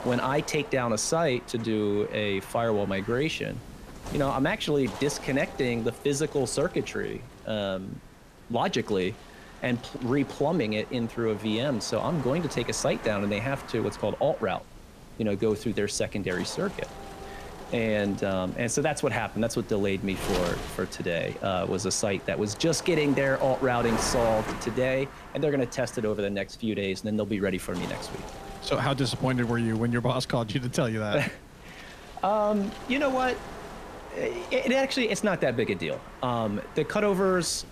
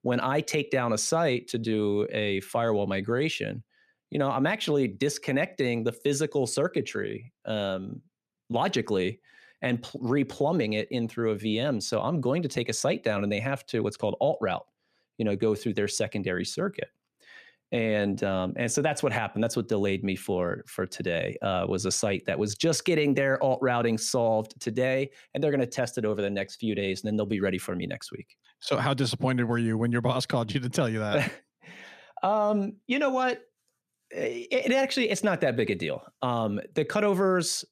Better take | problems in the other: second | wind noise on the microphone; occasional gusts; 10 dB below the speech

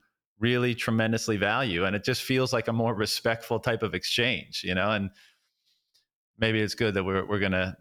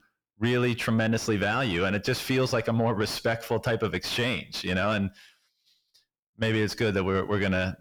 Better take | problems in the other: first | distortion; slight; 10 dB below the speech

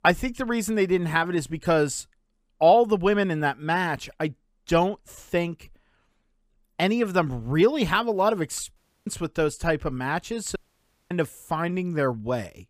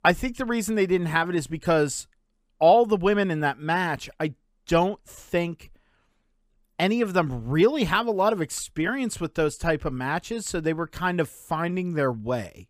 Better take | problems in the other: second | audio cutting out; at 9 s and at 11 s for 0.5 s

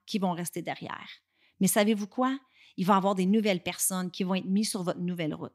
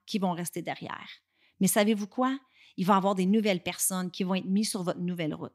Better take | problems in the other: neither | none

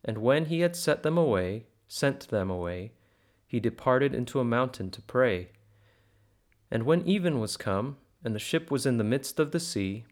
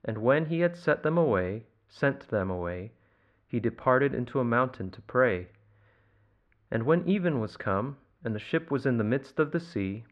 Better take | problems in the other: first | muffled; very; fading above 2 kHz

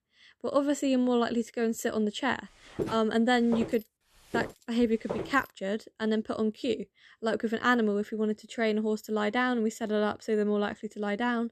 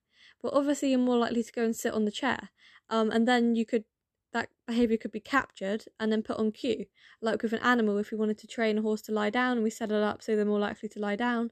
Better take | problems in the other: second | footsteps; noticeable; from 3 to 5.5 s; peak 7 dB below the speech

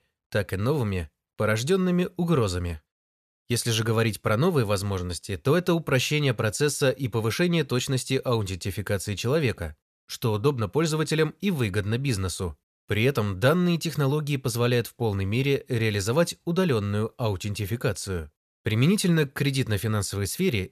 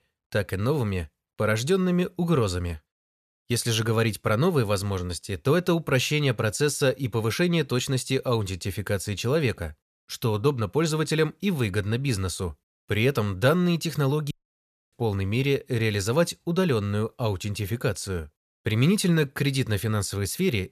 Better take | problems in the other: first | audio cutting out; at 14 s for 0.5 s

